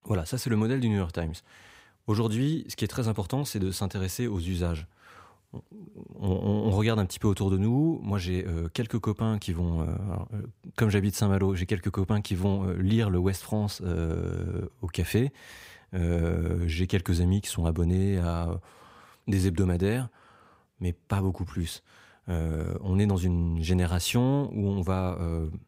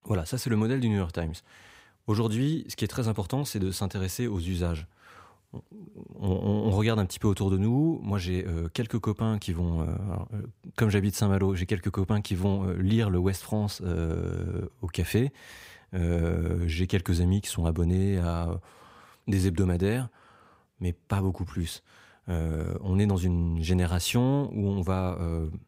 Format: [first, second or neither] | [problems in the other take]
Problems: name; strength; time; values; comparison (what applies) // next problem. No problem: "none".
neither | none